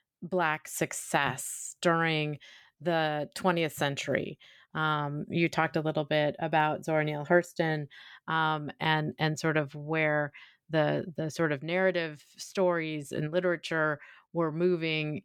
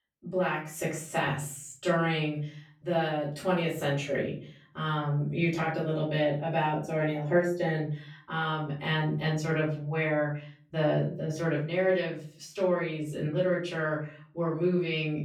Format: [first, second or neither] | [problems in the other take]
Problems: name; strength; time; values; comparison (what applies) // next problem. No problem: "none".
first | off-mic speech; far // room echo; slight; dies away in 0.4 s